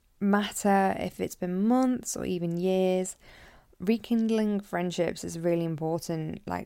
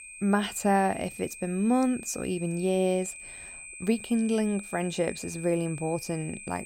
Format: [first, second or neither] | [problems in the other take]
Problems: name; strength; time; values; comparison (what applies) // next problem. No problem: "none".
first | high-pitched whine; noticeable; throughout; 2.5 kHz, 15 dB below the speech